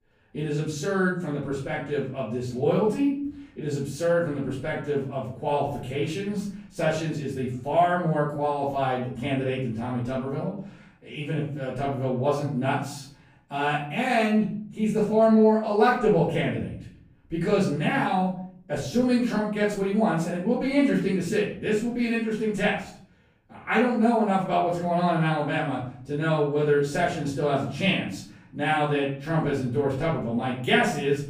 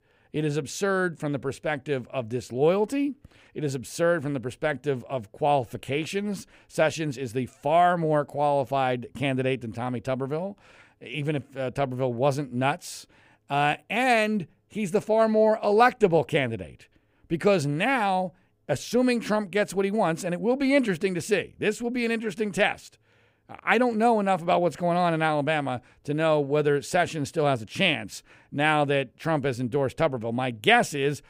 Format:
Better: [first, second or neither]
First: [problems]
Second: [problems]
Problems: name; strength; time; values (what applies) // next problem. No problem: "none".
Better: second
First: room echo; noticeable; dies away in 0.6 s // off-mic speech; far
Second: none